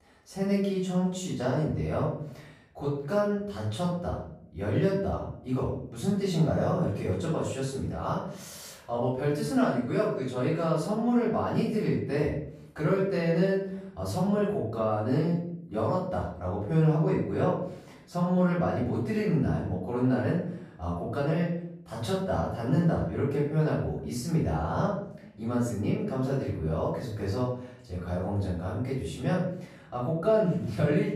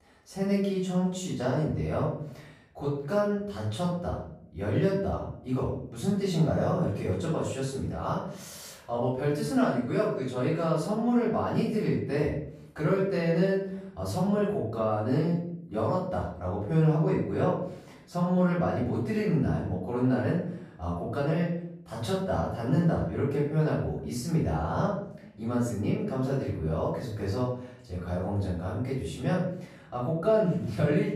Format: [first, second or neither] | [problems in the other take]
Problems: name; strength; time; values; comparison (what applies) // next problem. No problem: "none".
neither | off-mic speech; far; the same in both // room echo; noticeable; dies away in 0.6 s; the same in both